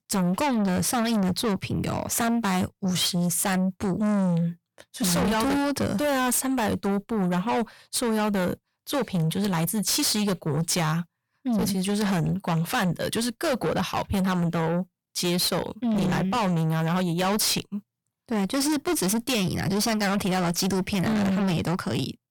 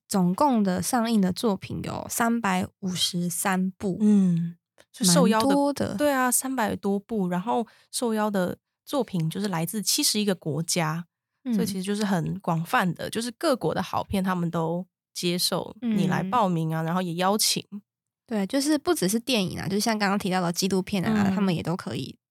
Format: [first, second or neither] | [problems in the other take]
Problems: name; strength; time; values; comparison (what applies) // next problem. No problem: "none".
second | distortion; heavy; 6 dB below the speech